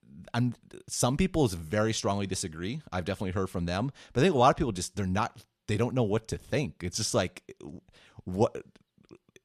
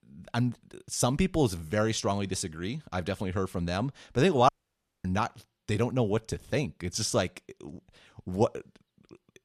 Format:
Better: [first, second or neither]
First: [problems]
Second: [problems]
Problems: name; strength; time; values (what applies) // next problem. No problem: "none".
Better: first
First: none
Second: audio cutting out; at 4.5 s for 0.5 s